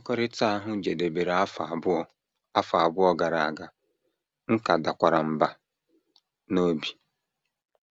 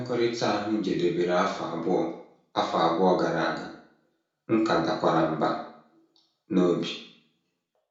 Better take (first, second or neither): first